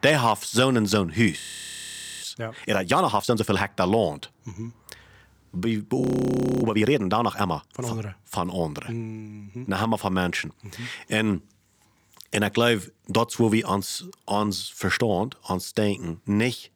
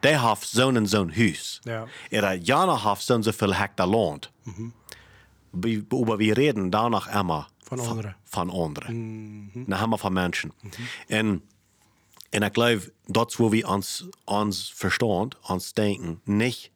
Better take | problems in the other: second | audio freezing; at 1.5 s for 1 s and at 6 s for 0.5 s

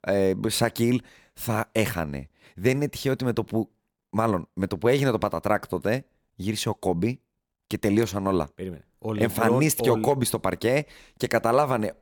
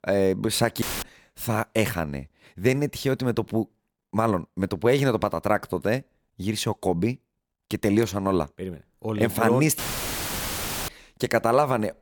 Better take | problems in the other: first | audio cutting out; filled with static; at 1 s and at 10 s for 1 s

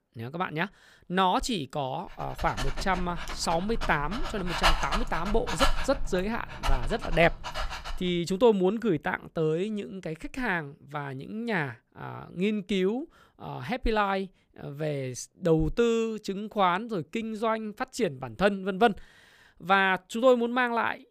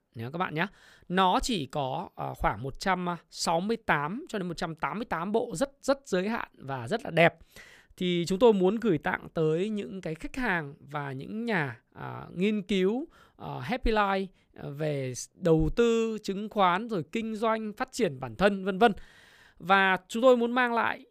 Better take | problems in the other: second | dog barking; loud; from 2.5 to 8 s; peak 3 dB above the speech

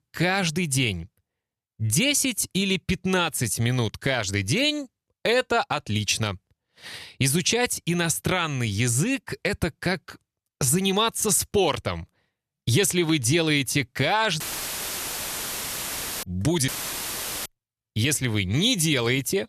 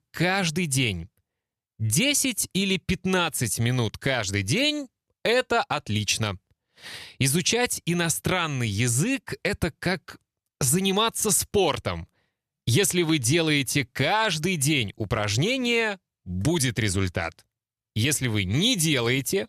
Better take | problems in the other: second | audio cutting out; filled with static; at 14 s for 2 s and at 17 s for 1 s

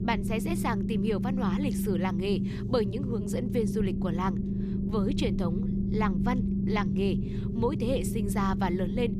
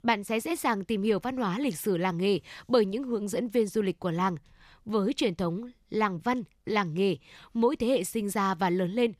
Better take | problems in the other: second | low rumble; loud; throughout; 5 dB below the speech

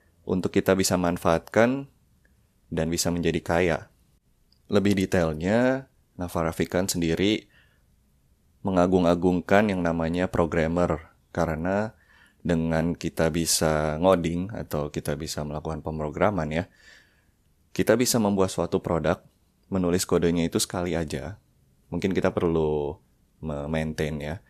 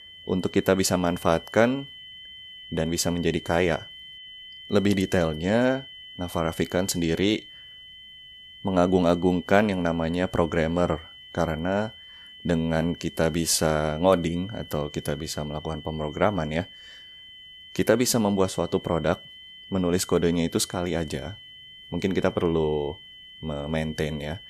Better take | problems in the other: first | high-pitched whine; noticeable; throughout; 3 kHz, 15 dB below the speech

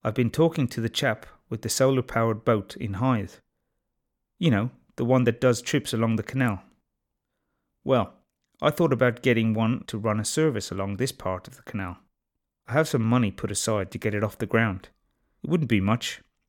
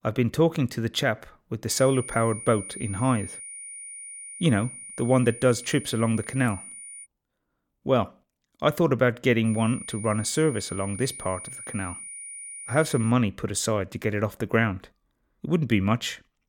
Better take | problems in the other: first | high-pitched whine; noticeable; from 1.5 to 7 s and from 9.5 to 13 s; 9.5 kHz, 10 dB below the speech

